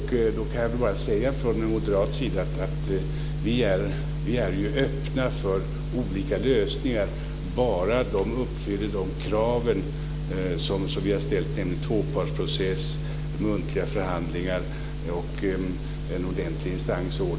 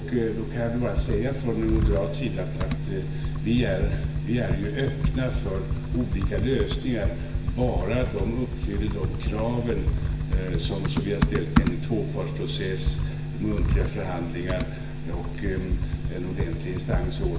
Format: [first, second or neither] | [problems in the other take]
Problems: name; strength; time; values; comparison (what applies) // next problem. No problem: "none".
first | background sound (Computer keyboard); 2 dB below the speech // room echo; dies away in 1 s